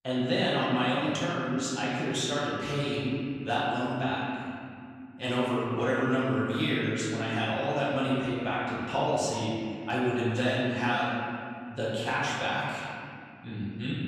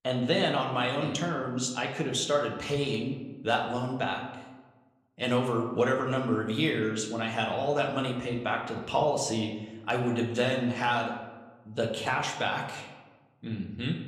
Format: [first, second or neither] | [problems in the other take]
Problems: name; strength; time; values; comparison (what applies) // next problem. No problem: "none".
second | room echo; strong; dies away in 2.4 s; slight in the second // off-mic speech; far; somewhat distant in the second